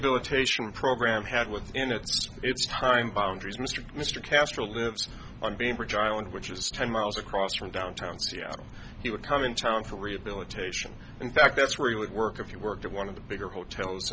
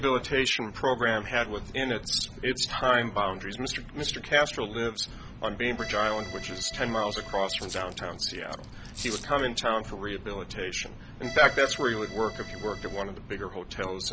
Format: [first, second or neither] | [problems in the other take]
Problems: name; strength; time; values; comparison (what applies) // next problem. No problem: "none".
first | background sound (Accordion + Rattle (instrument)); 13 dB below the speech